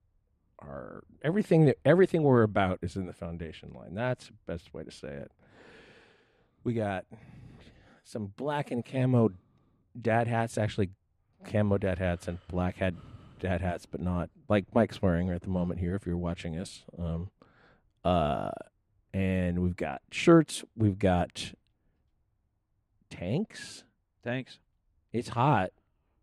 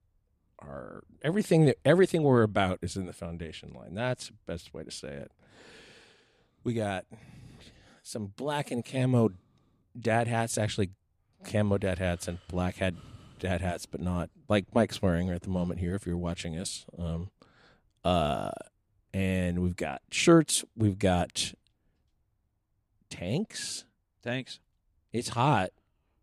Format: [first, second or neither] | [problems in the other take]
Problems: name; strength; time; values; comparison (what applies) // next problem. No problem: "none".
second | muffled; slightly; fading above 3 kHz